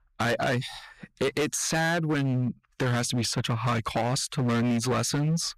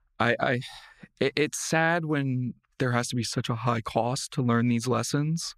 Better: second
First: distortion; heavy; 19% of the sound clipped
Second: none

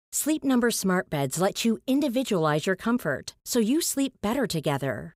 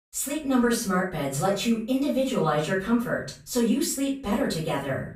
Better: first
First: none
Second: off-mic speech; far // room echo; slight; dies away in 0.4 s

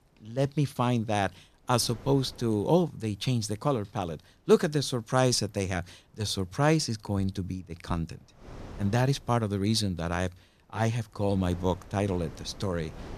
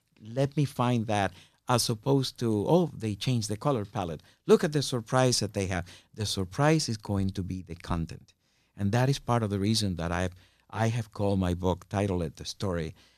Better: second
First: wind noise on the microphone; occasional gusts; 20 dB below the speech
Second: none

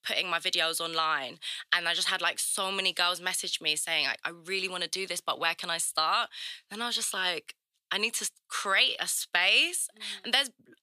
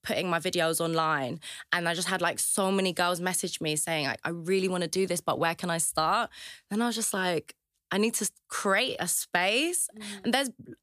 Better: second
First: thin; somewhat; fading below 750 Hz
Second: none

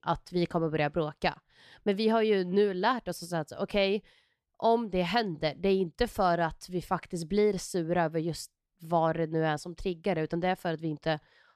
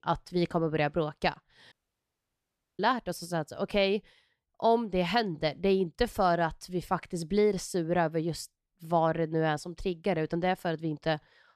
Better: first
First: none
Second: audio cutting out; at 1.5 s for 1 s

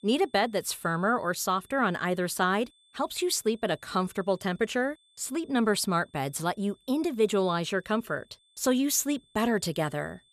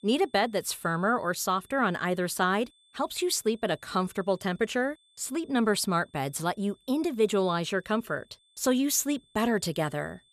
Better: neither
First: high-pitched whine; faint; throughout; 3.5 kHz, 35 dB below the speech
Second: high-pitched whine; faint; throughout; 3.5 kHz, 35 dB below the speech

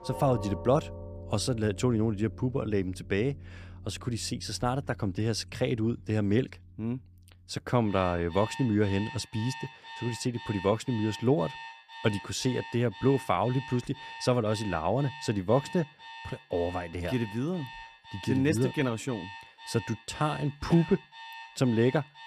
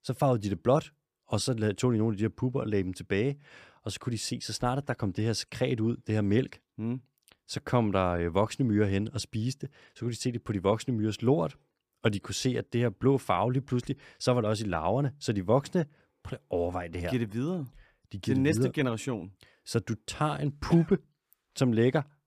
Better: second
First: alarms or sirens; noticeable; throughout; 15 dB below the speech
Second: none

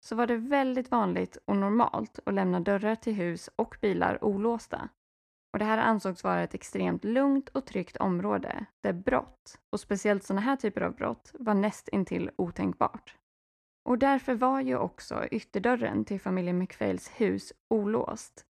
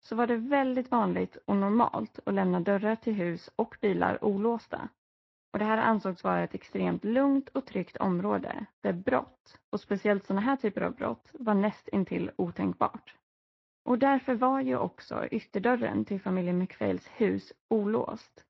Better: first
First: none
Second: garbled, watery; slightly

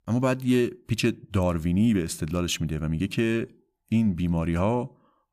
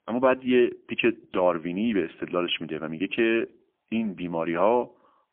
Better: first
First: none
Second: phone-call audio; poor line; nothing above 3.5 kHz

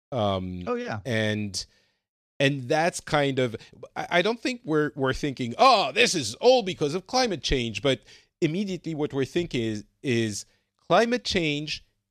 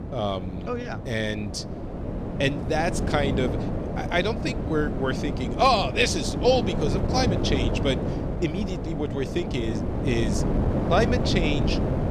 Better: first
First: none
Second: wind noise on the microphone; heavy; 6 dB below the speech

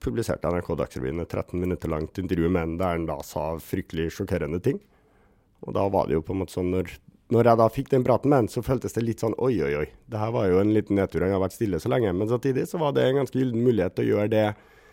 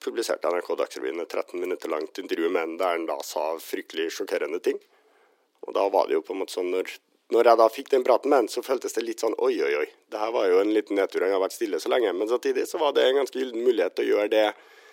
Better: first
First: none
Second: thin; somewhat; fading below 350 Hz

